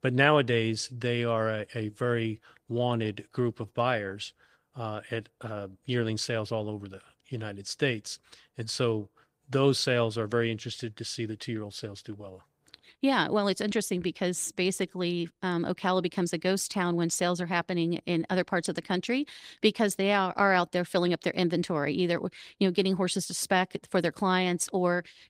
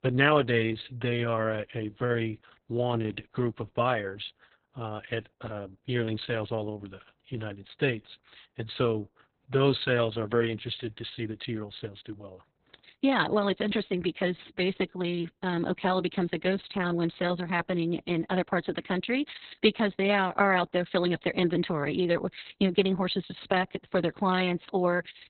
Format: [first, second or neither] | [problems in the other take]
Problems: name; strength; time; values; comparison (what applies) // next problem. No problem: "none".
first | garbled, watery; badly; nothing above 4 kHz; slightly in the first